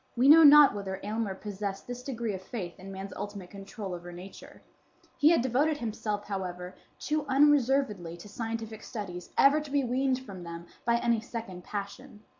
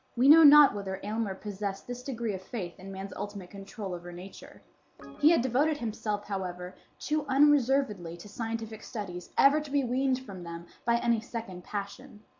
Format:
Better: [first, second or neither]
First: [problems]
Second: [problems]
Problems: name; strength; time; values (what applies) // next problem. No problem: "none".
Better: first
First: none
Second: background sound (Organ); 18 dB below the speech